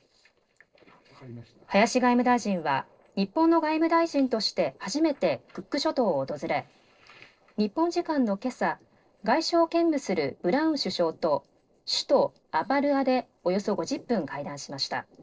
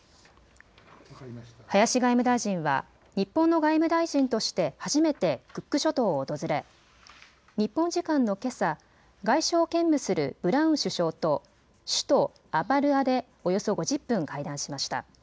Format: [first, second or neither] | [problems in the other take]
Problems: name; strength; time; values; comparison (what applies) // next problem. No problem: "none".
second | noise reduction (neural separator model SepFormer DNS4)